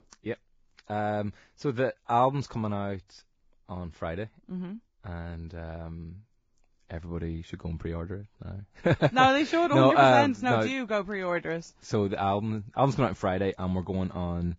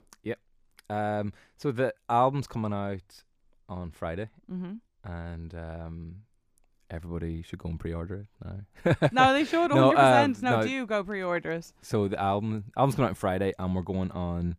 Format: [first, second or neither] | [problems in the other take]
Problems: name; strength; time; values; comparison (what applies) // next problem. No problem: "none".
second | garbled, watery; badly; nothing above 7.5 kHz